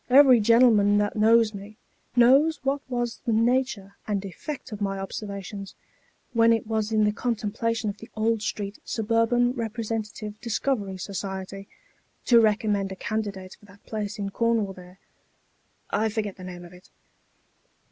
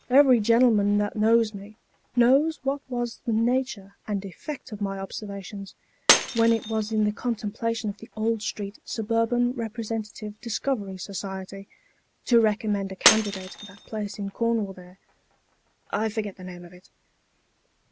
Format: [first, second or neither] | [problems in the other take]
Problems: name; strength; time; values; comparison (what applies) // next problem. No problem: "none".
first | background sound (Shatter); 9 dB below the speech